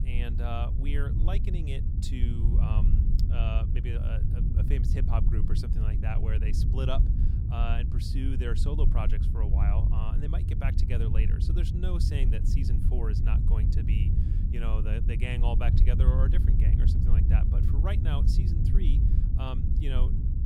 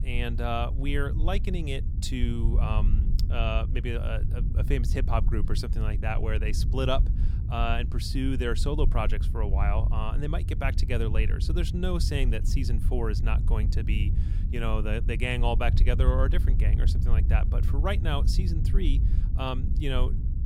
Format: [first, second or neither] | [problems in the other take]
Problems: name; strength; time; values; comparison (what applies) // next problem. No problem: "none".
second | wind noise on the microphone; heavy; 2 dB below the speech; occasional gusts in the second